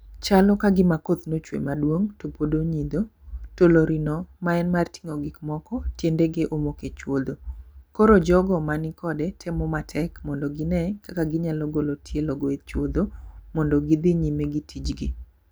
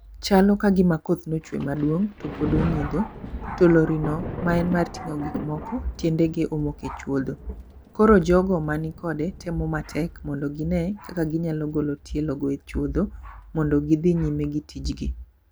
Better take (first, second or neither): first